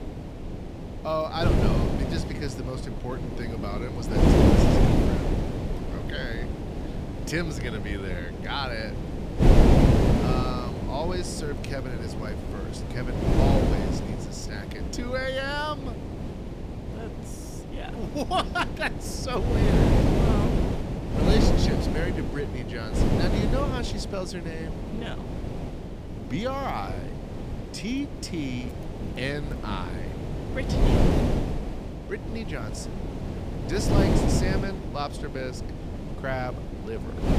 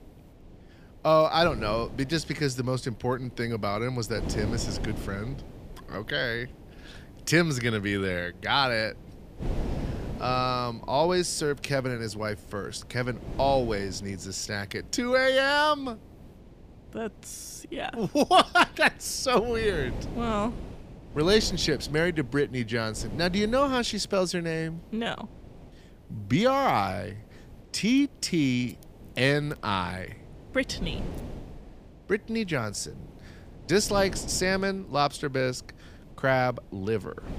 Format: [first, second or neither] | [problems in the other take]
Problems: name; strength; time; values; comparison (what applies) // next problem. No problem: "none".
second | wind noise on the microphone; heavy; as loud as the speech; occasional gusts in the second